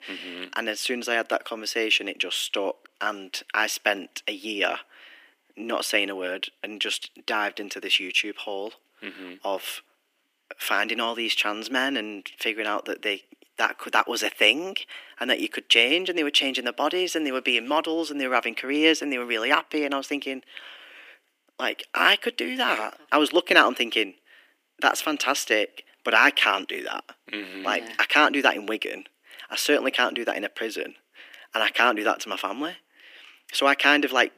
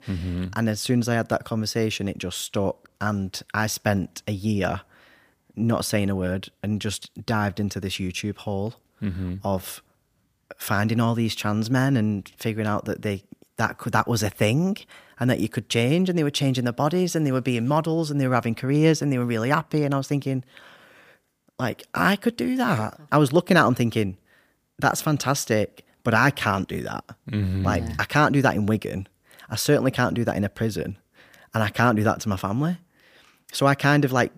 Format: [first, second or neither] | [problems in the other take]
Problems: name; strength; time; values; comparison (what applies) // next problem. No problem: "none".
second | thin; somewhat; fading below 300 Hz